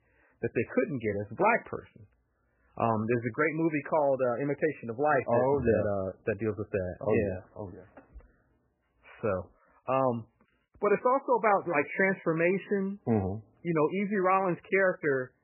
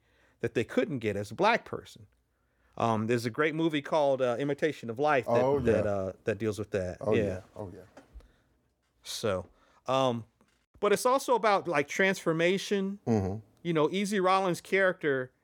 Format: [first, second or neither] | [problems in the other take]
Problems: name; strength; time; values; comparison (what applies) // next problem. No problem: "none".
second | garbled, watery; badly; nothing above 2.5 kHz